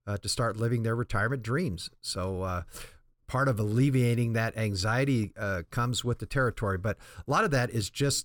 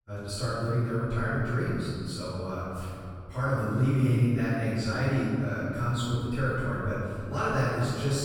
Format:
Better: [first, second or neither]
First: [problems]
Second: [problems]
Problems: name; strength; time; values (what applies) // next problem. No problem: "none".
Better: first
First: none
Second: off-mic speech; far // room echo; strong; dies away in 2.7 s